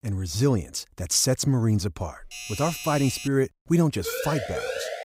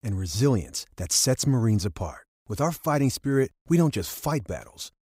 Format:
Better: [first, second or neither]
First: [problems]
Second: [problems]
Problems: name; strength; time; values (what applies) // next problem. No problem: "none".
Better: second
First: doorbell; noticeable; from 2 to 3.5 s; peak 9 dB below the speech // siren; noticeable; at 4 s; peak 6 dB below the speech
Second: none